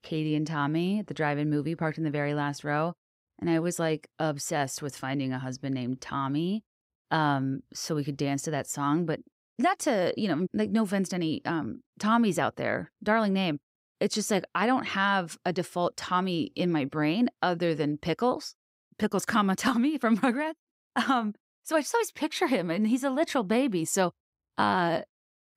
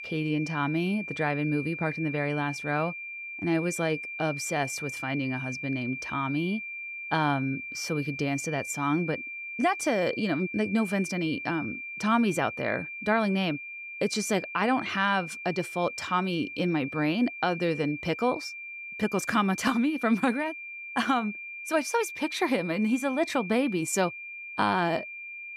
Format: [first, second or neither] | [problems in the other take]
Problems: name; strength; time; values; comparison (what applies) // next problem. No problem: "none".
first | high-pitched whine; loud; throughout; 2.5 kHz, 8 dB below the speech